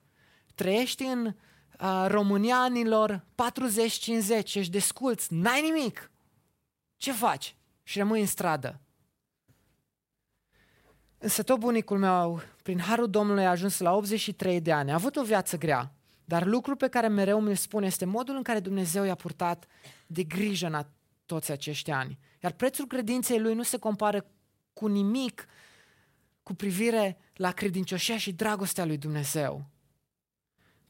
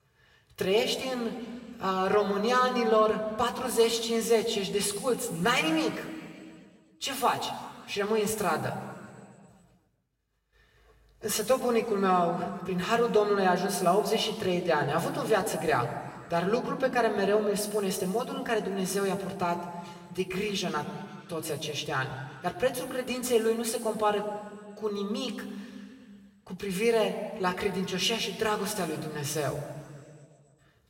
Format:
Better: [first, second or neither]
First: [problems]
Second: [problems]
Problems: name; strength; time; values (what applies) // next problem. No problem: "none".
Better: first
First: none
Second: room echo; slight; dies away in 1.9 s